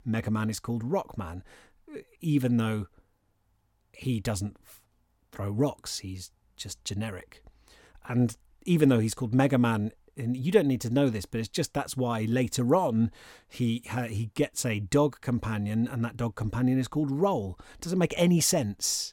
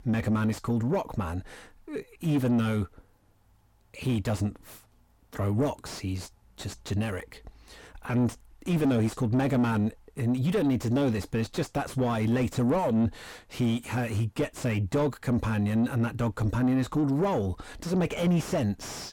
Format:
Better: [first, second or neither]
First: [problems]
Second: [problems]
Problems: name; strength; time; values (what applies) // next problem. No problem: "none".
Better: first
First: none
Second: distortion; heavy; 6 dB below the speech